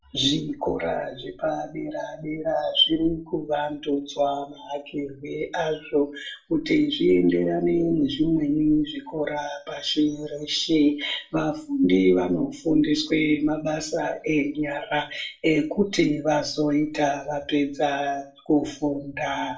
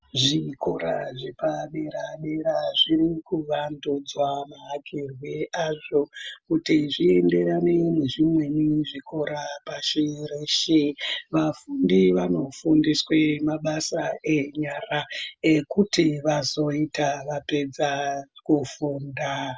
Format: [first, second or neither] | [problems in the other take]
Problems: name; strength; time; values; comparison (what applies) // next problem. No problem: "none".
second | room echo; dies away in 0.3 s